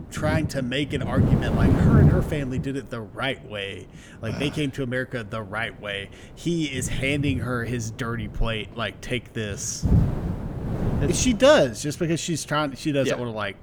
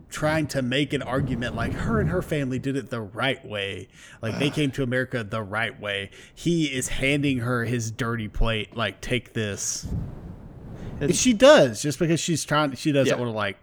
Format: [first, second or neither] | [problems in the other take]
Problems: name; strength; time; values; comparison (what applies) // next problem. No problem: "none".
second | wind noise on the microphone; heavy; 6 dB below the speech; occasional gusts in the second